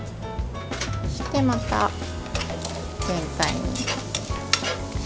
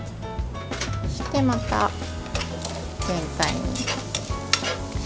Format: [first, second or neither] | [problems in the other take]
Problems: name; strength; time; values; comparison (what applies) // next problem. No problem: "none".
second | background sound (Wind instrument, woodwind instrument + Engine); 19 dB below the speech